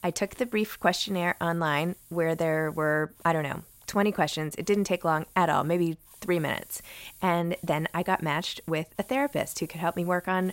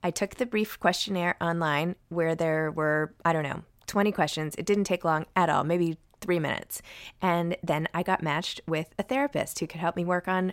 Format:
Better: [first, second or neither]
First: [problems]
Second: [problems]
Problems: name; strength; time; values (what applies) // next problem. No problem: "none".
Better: second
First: hiss; faint; throughout; 25 dB below the speech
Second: none